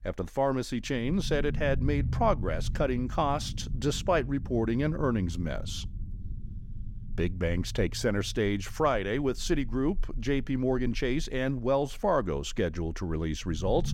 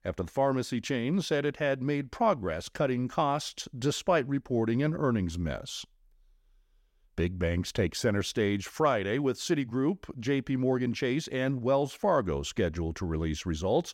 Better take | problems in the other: second | low rumble; faint; throughout; 20 dB below the speech

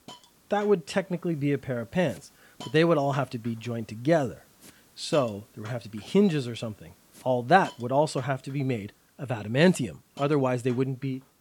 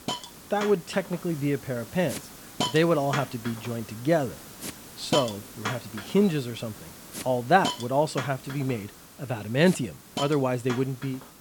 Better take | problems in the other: first | hiss; loud; throughout; 9 dB below the speech; faint in the first

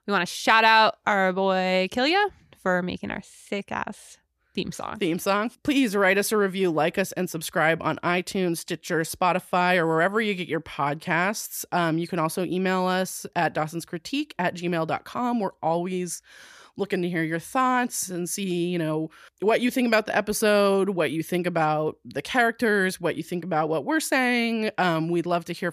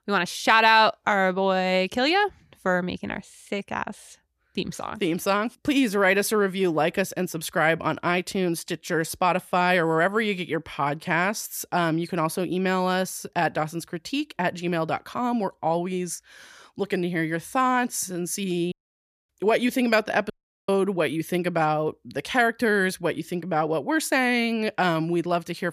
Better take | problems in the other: first | audio cutting out; at 19 s for 0.5 s and at 20 s

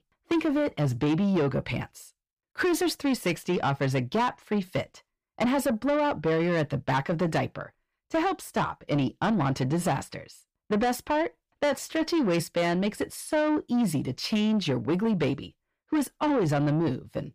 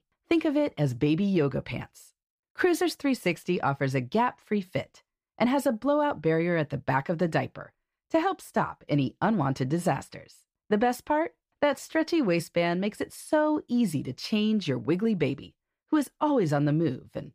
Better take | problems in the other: second | distortion; slight; 10 dB below the speech

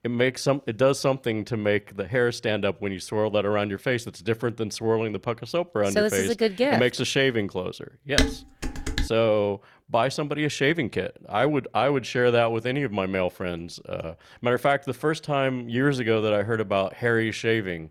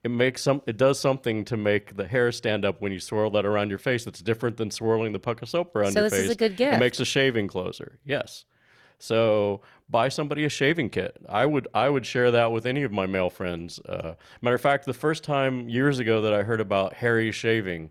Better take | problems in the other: second | clattering dishes; loud; at 8 s; peak level with the speech

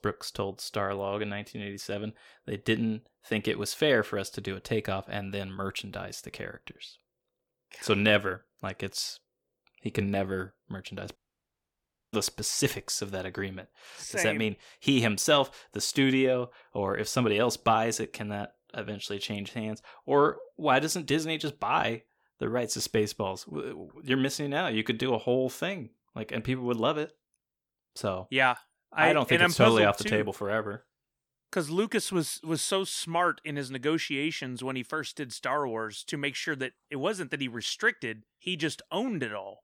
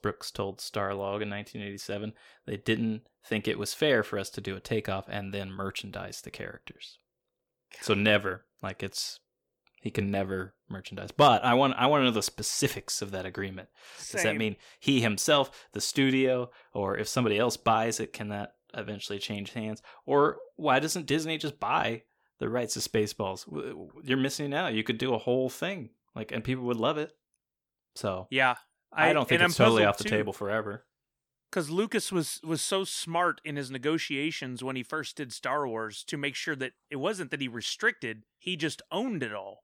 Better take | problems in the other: second | audio cutting out; at 11 s for 1 s

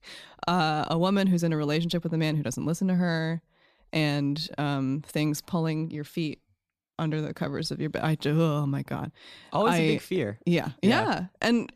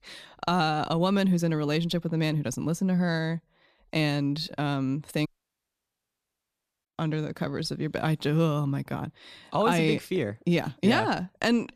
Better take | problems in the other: first | audio cutting out; at 5.5 s for 1.5 s

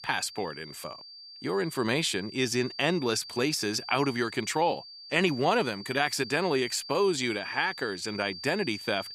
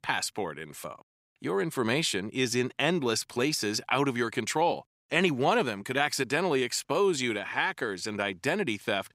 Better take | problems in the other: second | high-pitched whine; noticeable; throughout; 4.5 kHz, 15 dB below the speech

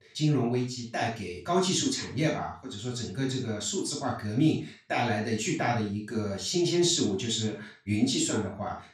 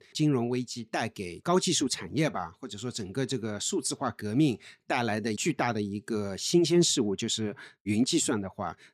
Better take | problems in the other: second | room echo; noticeable; dies away in 0.3 s // off-mic speech; far

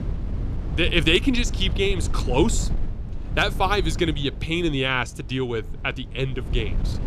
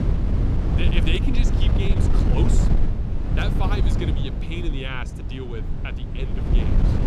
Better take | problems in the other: first | wind noise on the microphone; heavy; 2 dB below the speech; occasional gusts in the first

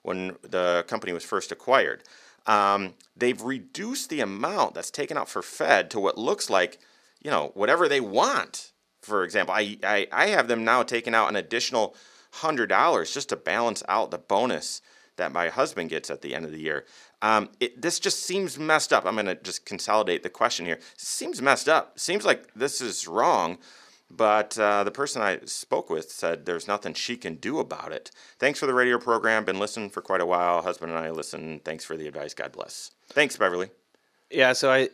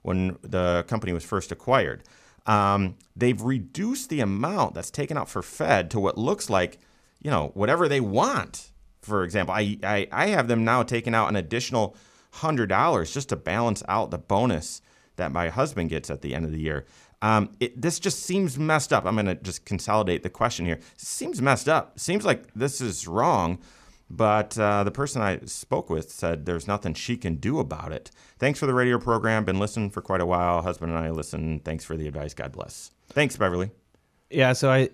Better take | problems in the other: second | thin; somewhat; fading below 350 Hz

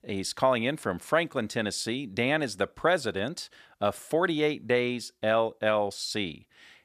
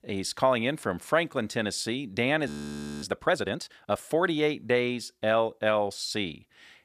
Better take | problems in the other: first | audio freezing; at 2.5 s for 0.5 s

